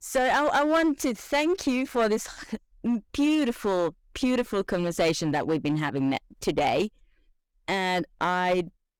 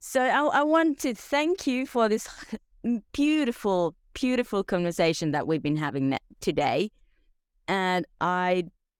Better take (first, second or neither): second